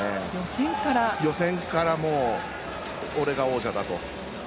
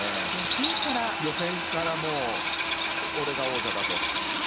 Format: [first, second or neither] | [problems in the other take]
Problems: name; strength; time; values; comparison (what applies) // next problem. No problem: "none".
first | background sound (Drill); 3 dB above the speech